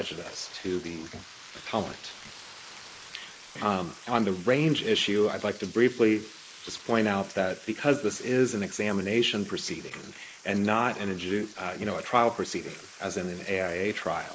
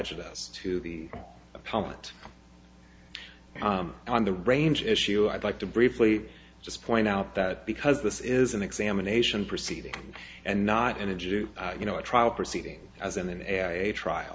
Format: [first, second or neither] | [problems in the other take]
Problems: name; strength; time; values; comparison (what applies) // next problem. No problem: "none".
second | noise reduction (neural mask model Resemble Enhance denoiser)